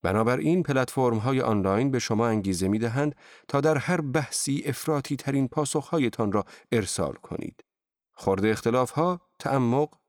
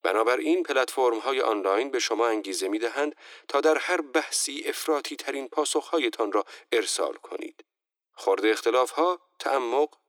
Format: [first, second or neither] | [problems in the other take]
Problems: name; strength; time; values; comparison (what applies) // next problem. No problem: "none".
first | thin; very; fading below 300 Hz